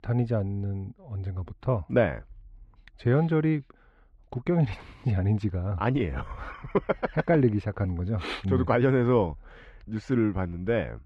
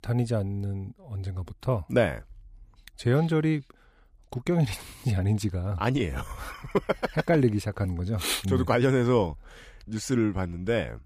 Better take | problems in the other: second | muffled; slightly; fading above 2.5 kHz

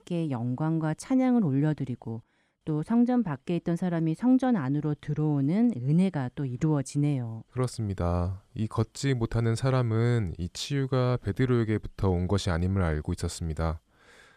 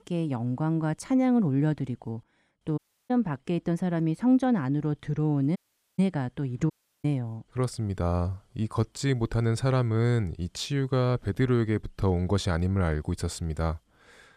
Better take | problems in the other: first | audio cutting out; at 3 s, at 5.5 s and at 6.5 s

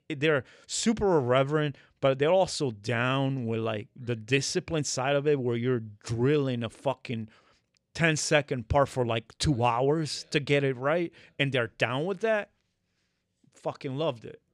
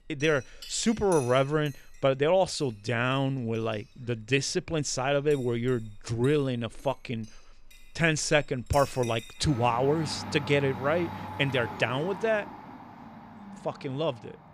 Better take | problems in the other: first | household noises; noticeable; throughout; 15 dB below the speech

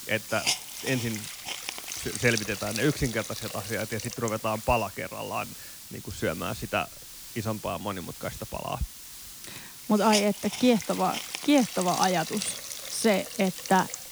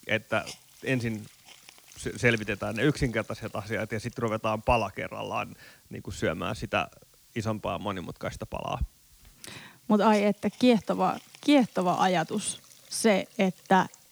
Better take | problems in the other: second | hiss; loud; throughout; 6 dB below the speech; faint in the second

